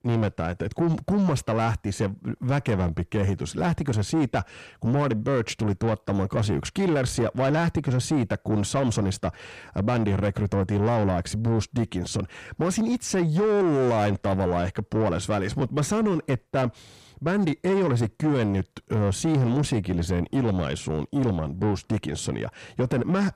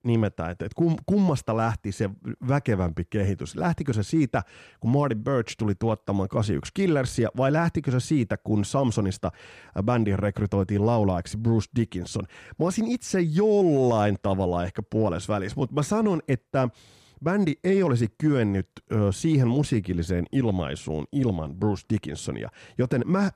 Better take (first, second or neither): second